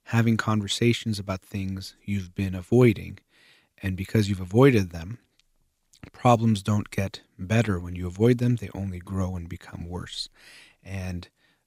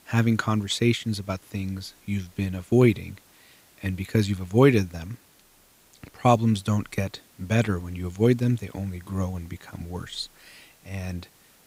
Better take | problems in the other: first | hiss; faint; throughout; 30 dB below the speech

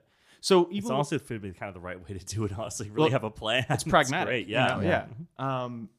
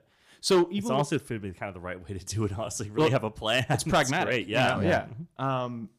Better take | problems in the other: first | distortion; slight; 2% of the sound clipped

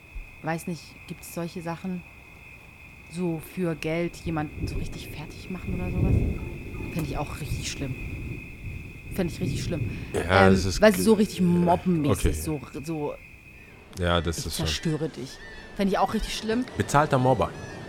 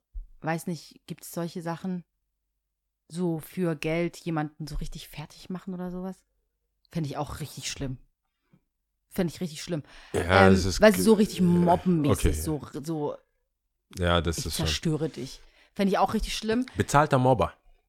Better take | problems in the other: second | rain or running water; noticeable; throughout; 10 dB below the speech

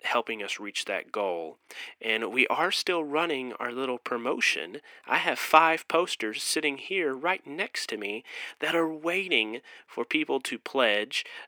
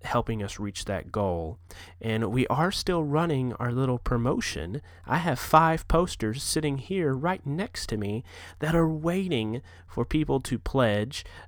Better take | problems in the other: second | thin; somewhat; fading below 300 Hz

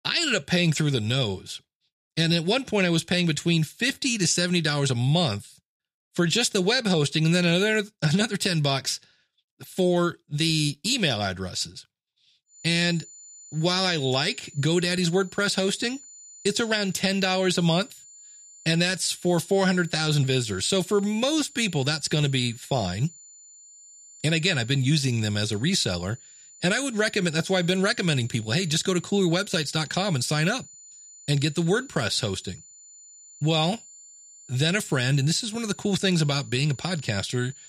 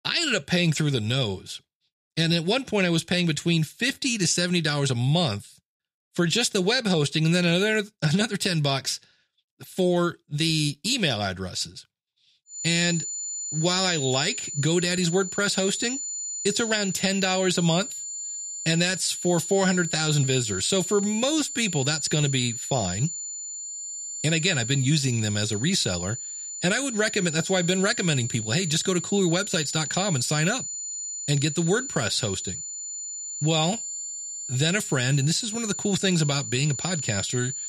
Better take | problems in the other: first | high-pitched whine; loud; from 13 s on; 7 kHz, 6 dB below the speech; faint in the first

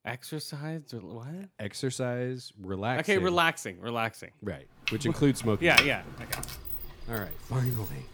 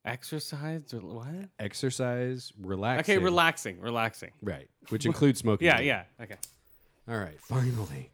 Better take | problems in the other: second | household noises; loud; from 5 s on; 1 dB below the speech; faint in the second

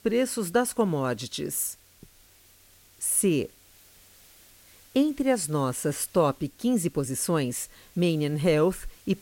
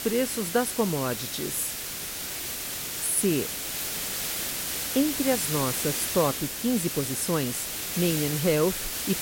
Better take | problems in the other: first | hiss; loud; throughout; 2 dB below the speech; faint in the first

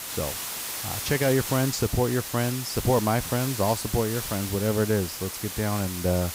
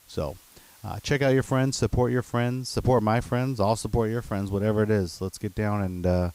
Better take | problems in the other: second | hiss; loud; throughout; 5 dB below the speech; faint in the second

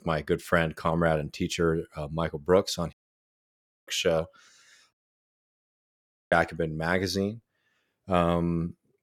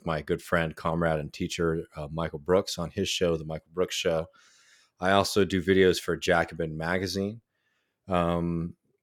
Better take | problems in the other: second | audio cutting out; at 3 s for 1 s and at 5 s for 1.5 s

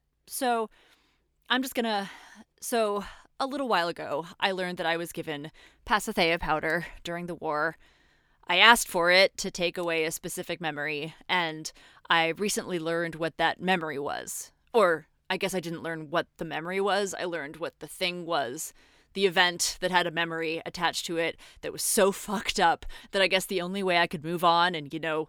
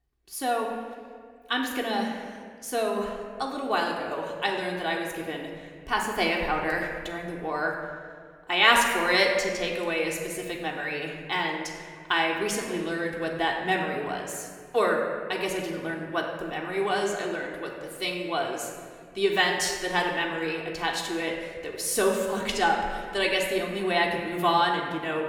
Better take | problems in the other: first | room echo; noticeable; dies away in 1.5 s // off-mic speech; somewhat distant

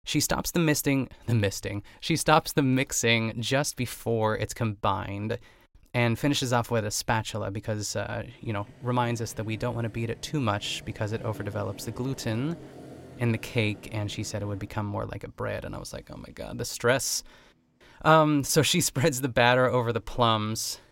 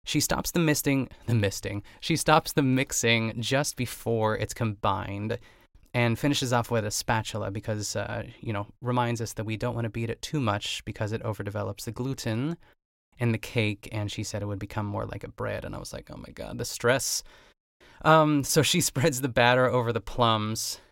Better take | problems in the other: second | traffic noise; faint; from 8.5 s on; 20 dB below the speech

